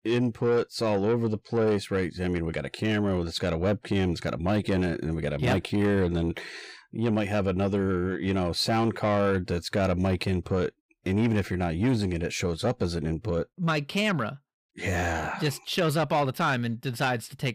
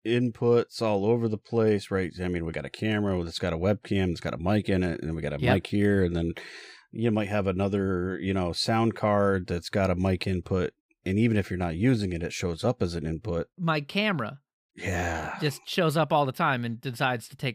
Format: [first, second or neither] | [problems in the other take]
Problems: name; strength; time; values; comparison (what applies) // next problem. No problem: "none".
second | distortion; slight; 10 dB below the speech